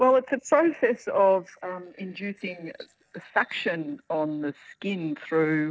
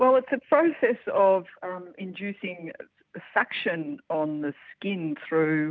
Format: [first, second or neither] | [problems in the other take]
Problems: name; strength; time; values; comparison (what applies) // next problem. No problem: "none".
second | noise reduction (neural separator model SepFormer DNS4)